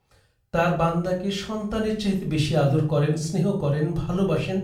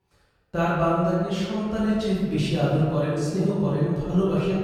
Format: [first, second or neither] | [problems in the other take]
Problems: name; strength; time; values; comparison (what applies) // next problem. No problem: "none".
first | room echo; strong; dies away in 1.8 s; slight in the first // off-mic speech; far; far in the first